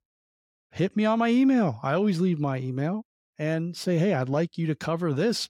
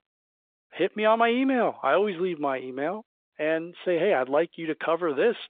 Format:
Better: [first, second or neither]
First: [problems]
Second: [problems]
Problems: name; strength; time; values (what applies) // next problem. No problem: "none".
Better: first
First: none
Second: phone-call audio